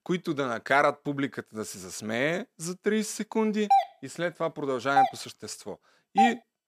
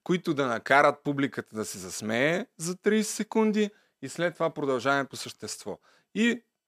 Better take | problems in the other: second | doorbell; loud; from 3.5 s on; peak 5 dB above the speech

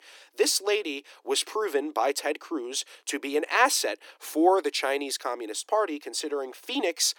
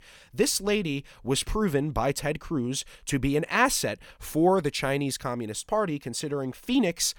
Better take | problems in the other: second | thin; somewhat; fading below 300 Hz

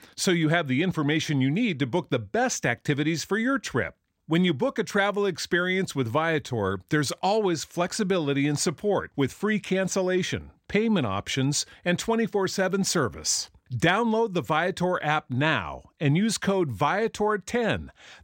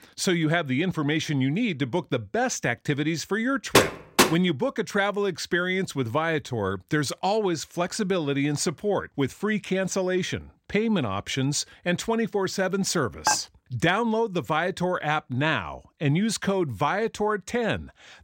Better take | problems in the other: first | door banging; loud; at 4 s; peak 5 dB above the speech // clattering dishes; noticeable; at 13 s; peak 2 dB below the speech

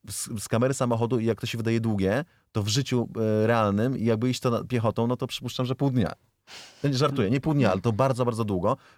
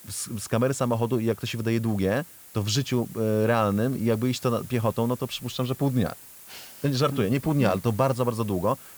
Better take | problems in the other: first | hiss; noticeable; throughout; 15 dB below the speech

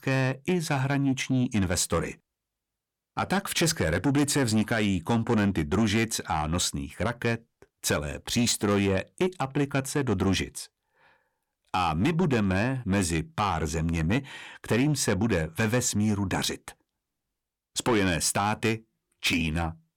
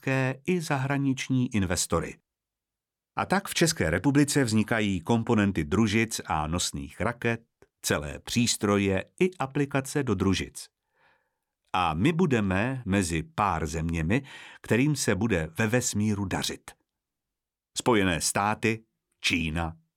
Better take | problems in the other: second | distortion; slight; 10 dB below the speech

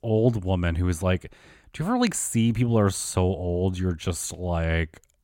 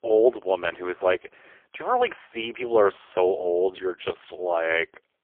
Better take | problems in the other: first | phone-call audio; poor line; nothing above 3 kHz

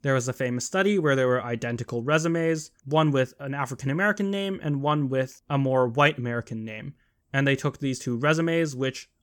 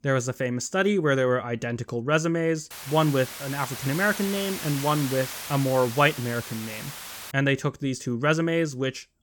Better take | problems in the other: first | hiss; loud; from 2.5 to 7.5 s; 9 dB below the speech

